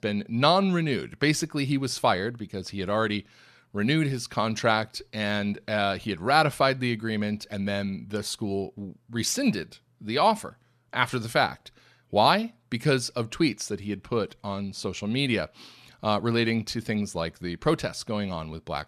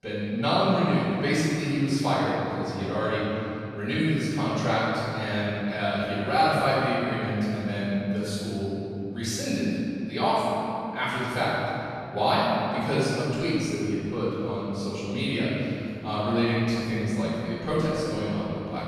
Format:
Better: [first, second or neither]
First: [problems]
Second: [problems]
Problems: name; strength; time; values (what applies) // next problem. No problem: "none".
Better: first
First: none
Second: off-mic speech; far // room echo; strong; dies away in 2.9 s